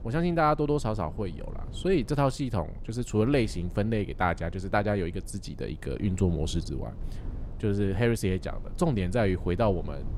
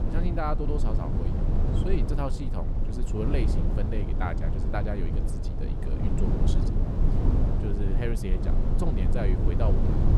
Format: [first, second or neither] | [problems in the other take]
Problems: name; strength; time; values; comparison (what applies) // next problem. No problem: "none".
first | low rumble; loud; throughout; 2 dB below the speech; faint in the first